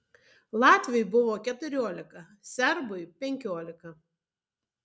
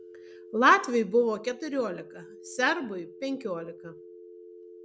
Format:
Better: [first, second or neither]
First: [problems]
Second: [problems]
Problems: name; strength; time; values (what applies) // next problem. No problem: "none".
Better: first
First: none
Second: background sound (Telephone); 19 dB below the speech